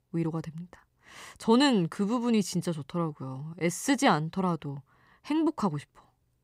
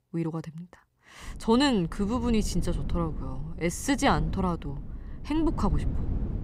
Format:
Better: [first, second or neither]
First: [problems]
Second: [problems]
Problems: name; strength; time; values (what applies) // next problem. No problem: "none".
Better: first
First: none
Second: low rumble; noticeable; from 1.5 s on; 15 dB below the speech